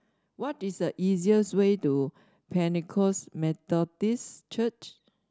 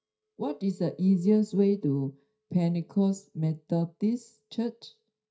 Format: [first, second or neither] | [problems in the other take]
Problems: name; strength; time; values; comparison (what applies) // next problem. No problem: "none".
first | noise reduction (neural mask model DeepFilterNet 3)